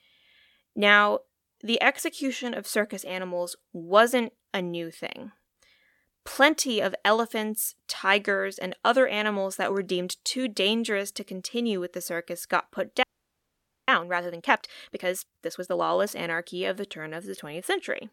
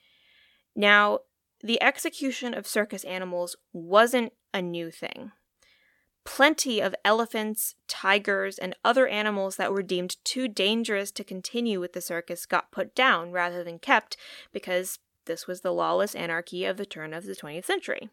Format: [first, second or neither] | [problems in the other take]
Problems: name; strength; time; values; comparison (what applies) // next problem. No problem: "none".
second | audio freezing; at 13 s for 1 s